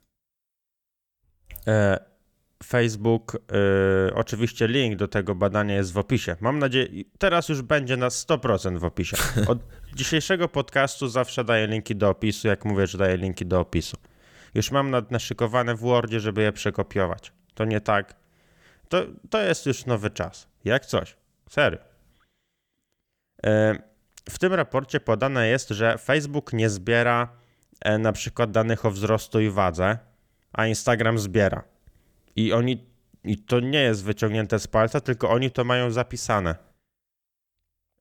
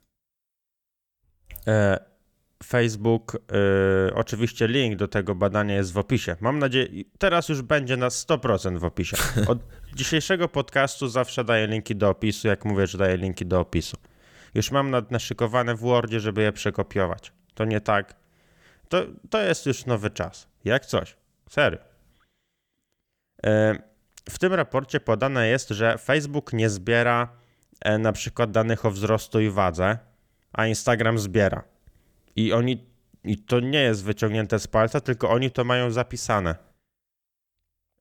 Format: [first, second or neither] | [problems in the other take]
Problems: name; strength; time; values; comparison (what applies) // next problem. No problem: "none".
neither | none